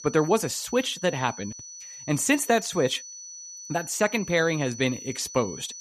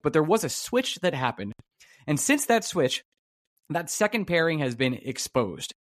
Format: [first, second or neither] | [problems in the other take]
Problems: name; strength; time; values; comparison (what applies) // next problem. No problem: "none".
second | high-pitched whine; noticeable; throughout; 6 kHz, 15 dB below the speech